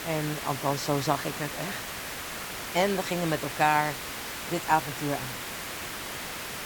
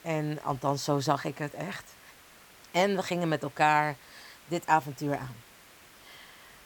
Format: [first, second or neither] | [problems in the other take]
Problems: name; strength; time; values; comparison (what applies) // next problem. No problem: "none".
second | hiss; loud; throughout; 6 dB below the speech; faint in the second